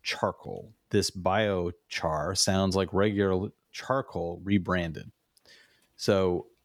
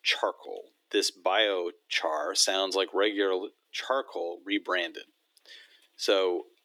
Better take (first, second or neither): first